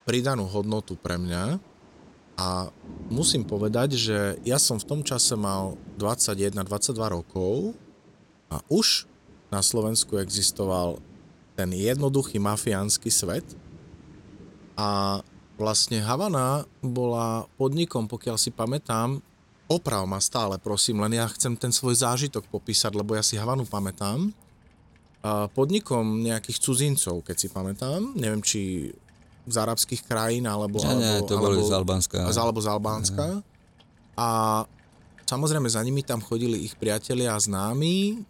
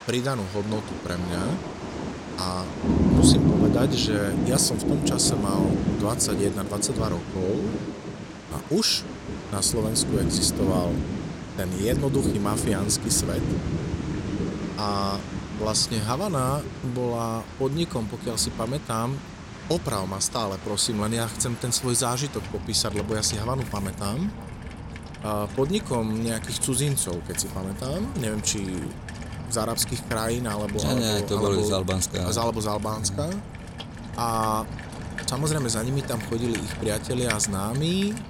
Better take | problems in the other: first | rain or running water; loud; throughout; 4 dB below the speech; faint in the first

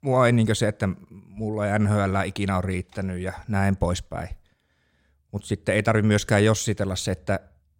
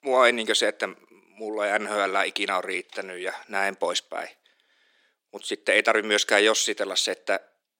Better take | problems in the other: first | thin; very; fading below 300 Hz

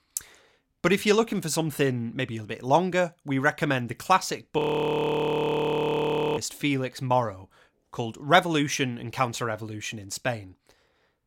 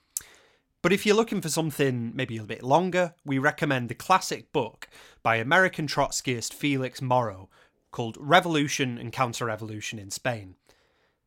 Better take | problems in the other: second | audio freezing; at 4.5 s for 2 s

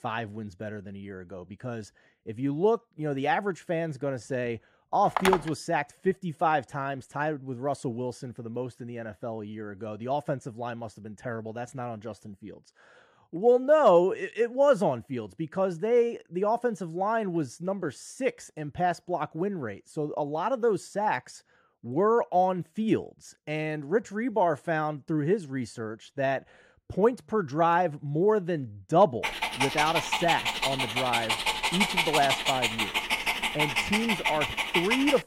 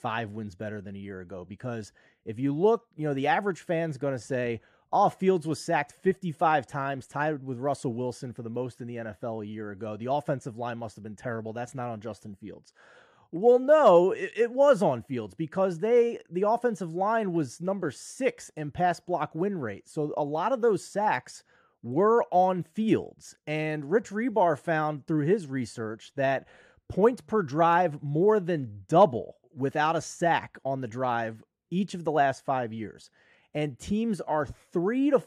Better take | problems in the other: second | phone ringing; loud; at 5 s; peak 1 dB above the speech // dog barking; loud; from 29 s on; peak 4 dB above the speech

